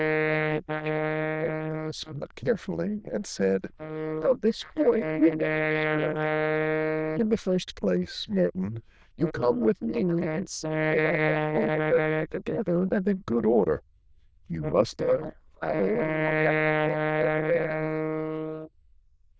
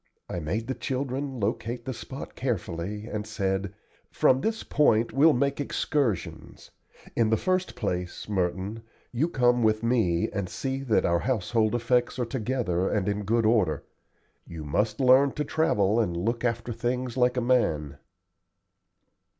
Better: second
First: noise reduction (neural diffusion model UNIVERSE++)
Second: none

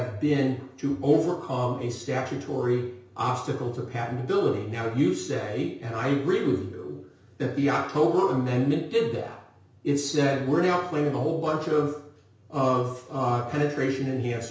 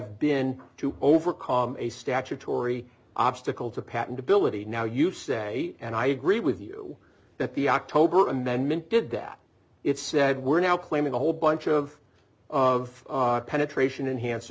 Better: second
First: room echo; dies away in 0.5 s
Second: none

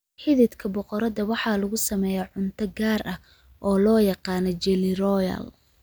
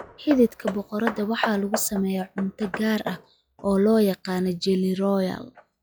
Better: first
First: none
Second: noise reduction (classical method log-MMSE)

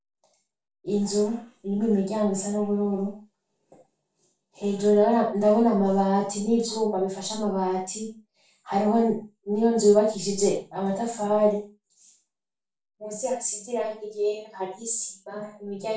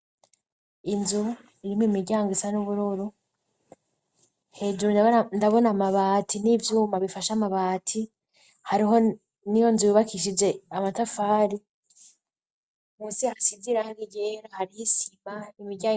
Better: second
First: room echo; dies away in 0.3 s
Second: none

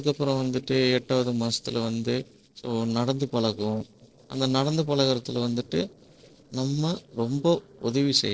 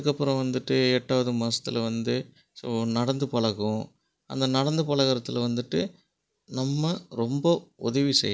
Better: second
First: noise reduction (neural separator model SepFormer DNS4)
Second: none

